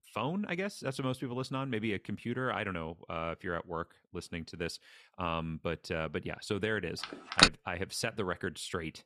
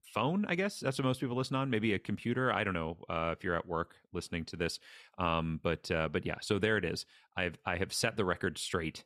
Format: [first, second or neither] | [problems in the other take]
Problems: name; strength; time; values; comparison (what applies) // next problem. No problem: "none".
second | phone ringing; loud; at 7 s; peak 10 dB above the speech